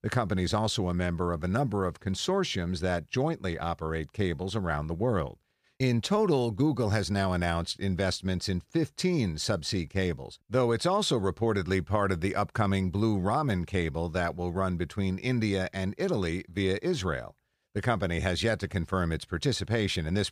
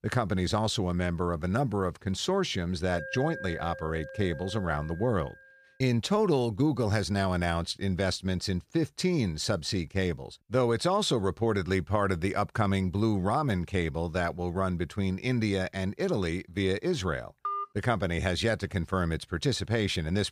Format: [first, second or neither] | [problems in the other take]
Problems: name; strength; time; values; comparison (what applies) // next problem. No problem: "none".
first | alarm; noticeable; from 3 to 5.5 s; peak 9 dB below the speech // phone ringing; noticeable; at 17 s; peak 5 dB below the speech